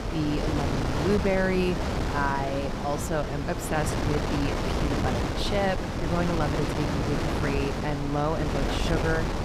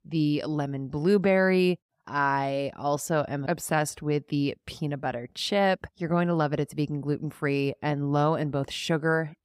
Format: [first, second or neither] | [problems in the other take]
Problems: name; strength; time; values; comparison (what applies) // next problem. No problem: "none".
second | wind noise on the microphone; heavy; 1 dB below the speech